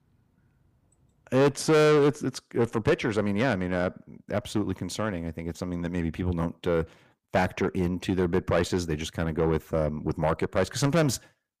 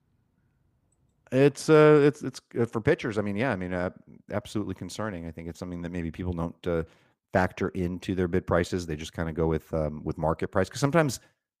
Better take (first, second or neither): second